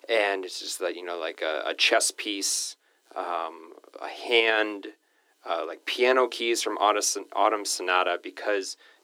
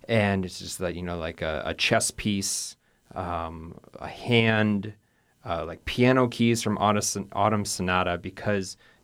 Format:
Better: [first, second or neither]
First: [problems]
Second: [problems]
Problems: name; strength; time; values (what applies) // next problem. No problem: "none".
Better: second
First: thin; very; fading below 300 Hz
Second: none